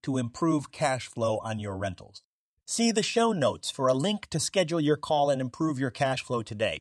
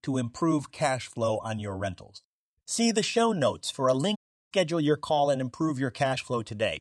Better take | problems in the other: first | audio cutting out; at 4 s

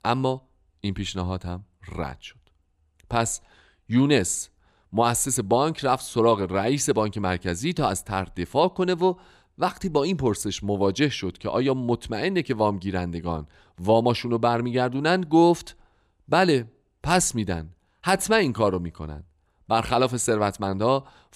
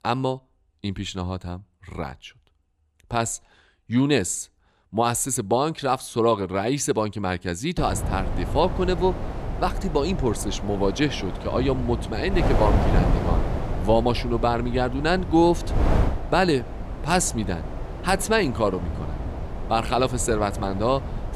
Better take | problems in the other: first | wind noise on the microphone; heavy; from 8 s on; 9 dB below the speech

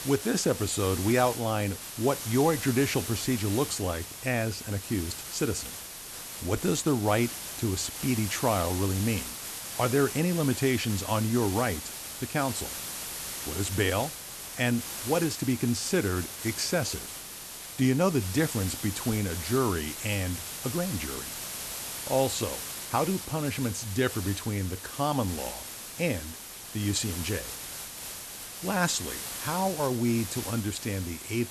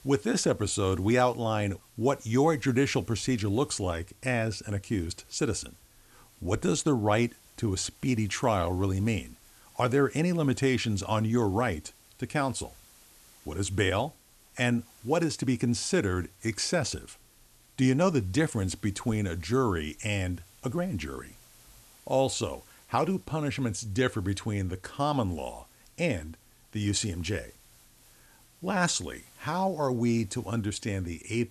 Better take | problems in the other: second | hiss; loud; throughout; 7 dB below the speech; faint in the second

